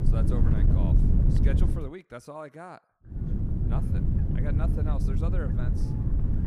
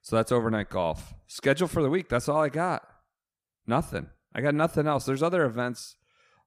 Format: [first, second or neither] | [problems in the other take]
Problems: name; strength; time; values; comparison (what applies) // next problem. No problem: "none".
second | wind noise on the microphone; heavy; until 2 s and from 3 s on; 2 dB above the speech